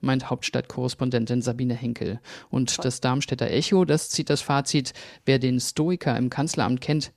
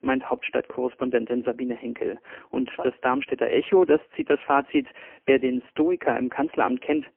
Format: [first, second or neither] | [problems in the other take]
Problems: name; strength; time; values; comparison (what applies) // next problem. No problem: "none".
first | phone-call audio; poor line; nothing above 3 kHz